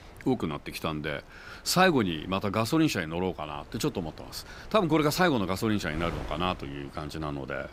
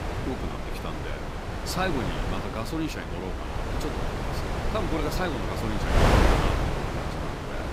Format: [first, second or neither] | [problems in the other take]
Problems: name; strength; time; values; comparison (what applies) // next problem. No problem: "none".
first | wind noise on the microphone; heavy; 4 dB above the speech; occasional gusts in the first